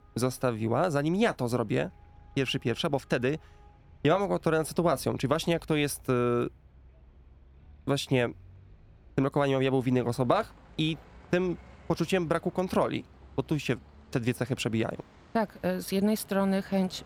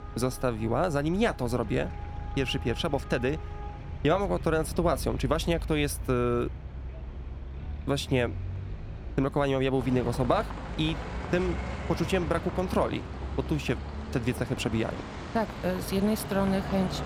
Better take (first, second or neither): first